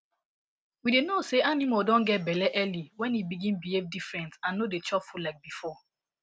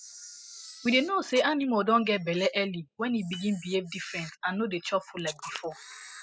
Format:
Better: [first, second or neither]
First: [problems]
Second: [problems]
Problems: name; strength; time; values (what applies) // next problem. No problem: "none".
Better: first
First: none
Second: noise reduction (classical method spectral subtraction)